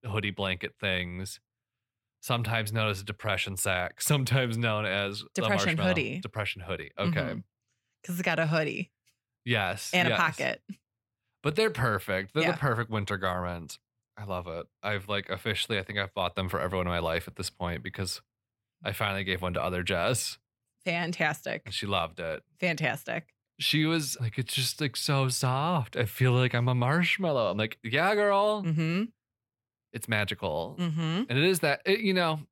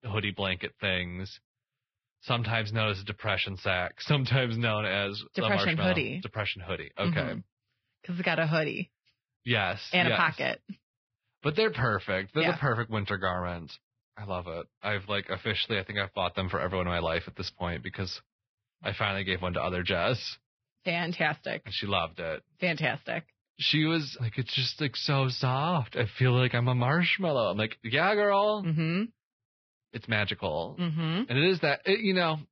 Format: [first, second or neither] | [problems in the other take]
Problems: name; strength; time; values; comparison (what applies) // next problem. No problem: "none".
first | garbled, watery; badly; nothing above 5.5 kHz